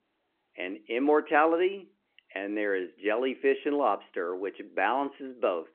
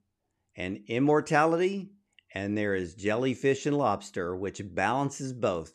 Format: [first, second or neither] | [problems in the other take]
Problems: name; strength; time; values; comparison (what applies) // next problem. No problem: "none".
second | phone-call audio